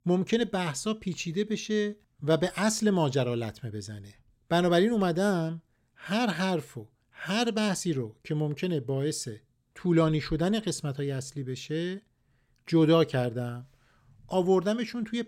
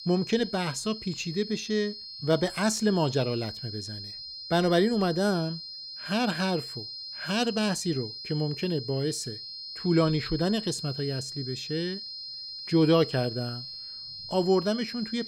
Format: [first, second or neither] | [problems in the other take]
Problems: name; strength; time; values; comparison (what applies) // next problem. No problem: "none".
first | high-pitched whine; loud; throughout; 4 kHz, 9 dB below the speech